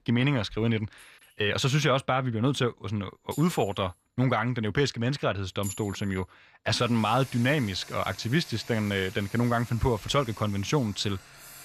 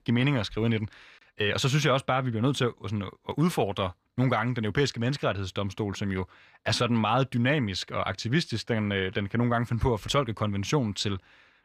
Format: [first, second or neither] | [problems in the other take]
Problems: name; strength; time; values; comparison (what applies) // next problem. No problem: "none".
second | household noises; noticeable; throughout; 20 dB below the speech